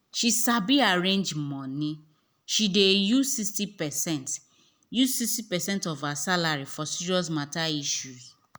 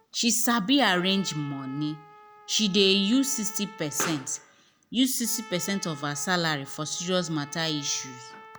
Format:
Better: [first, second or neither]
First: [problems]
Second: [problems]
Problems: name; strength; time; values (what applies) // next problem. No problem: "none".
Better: first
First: none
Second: background sound (Explosion + Trumpet); 17 dB below the speech